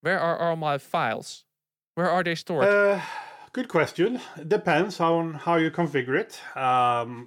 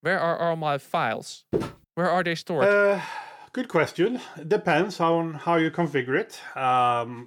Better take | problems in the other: first | footsteps; noticeable; at 1.5 s; peak 5 dB below the speech

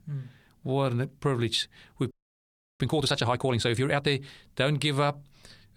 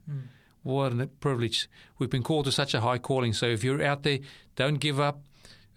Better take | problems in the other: second | audio freezing; at 2 s for 0.5 s

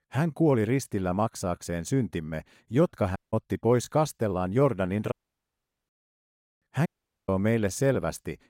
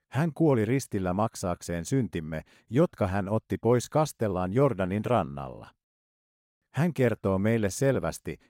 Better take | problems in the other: second | audio cutting out; at 3 s, at 5 s for 1 s and at 7 s

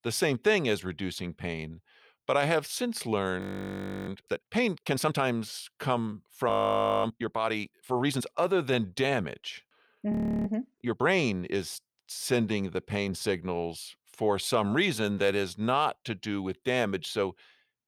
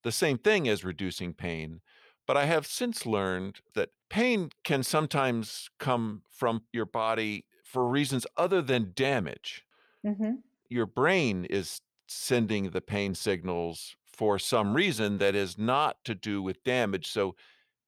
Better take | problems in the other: second | audio freezing; at 3.5 s for 0.5 s, at 6.5 s for 0.5 s and at 10 s

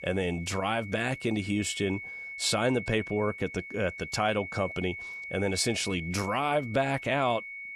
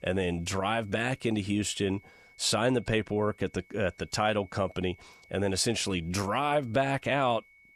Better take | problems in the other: second | high-pitched whine; loud; throughout; 2 kHz, 10 dB below the speech; faint in the second

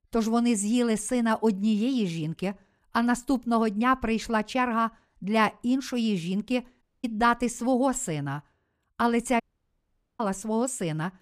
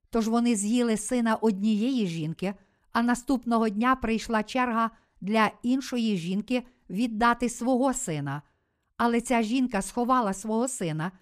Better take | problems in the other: second | audio cutting out; at 7 s and at 9.5 s for 1 s

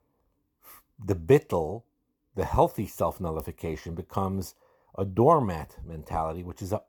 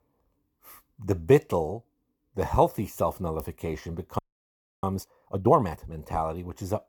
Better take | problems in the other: first | audio freezing; at 4 s for 0.5 s

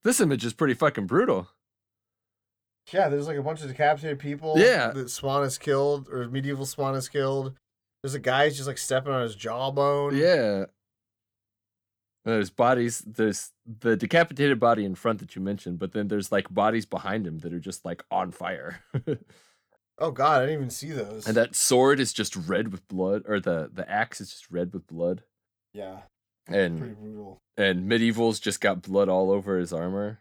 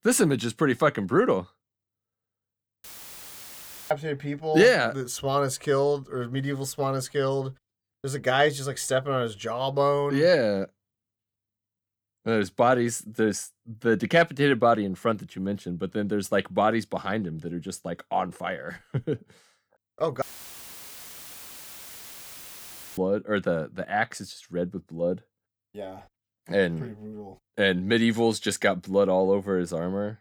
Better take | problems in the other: first | audio cutting out; filled with static; at 3 s for 1 s and at 20 s for 3 s

